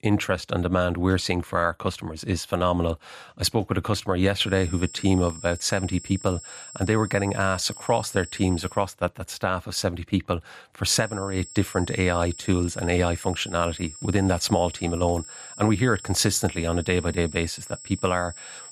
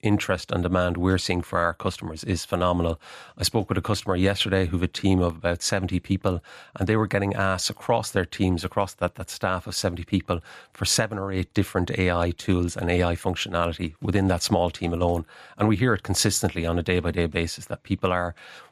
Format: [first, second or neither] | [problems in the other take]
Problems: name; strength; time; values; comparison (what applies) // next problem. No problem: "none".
second | high-pitched whine; noticeable; from 4.5 to 9 s and from 11 s on; 7.5 kHz, 15 dB below the speech